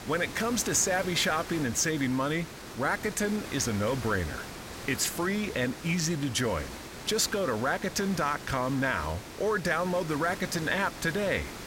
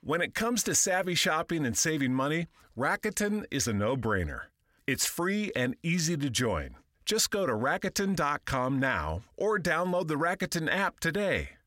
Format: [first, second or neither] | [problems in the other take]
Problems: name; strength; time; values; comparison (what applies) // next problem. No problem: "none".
second | hiss; noticeable; throughout; 10 dB below the speech